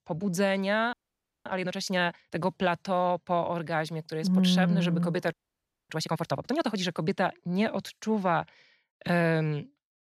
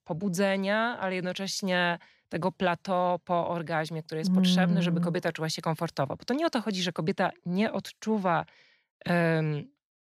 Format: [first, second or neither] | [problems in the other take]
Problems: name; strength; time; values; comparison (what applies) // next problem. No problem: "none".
second | audio freezing; at 1 s for 0.5 s and at 5.5 s for 0.5 s